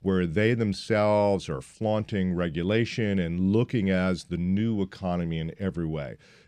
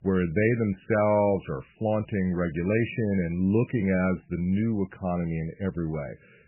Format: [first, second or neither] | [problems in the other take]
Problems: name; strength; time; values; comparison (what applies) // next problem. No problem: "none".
first | garbled, watery; badly; nothing above 2.5 kHz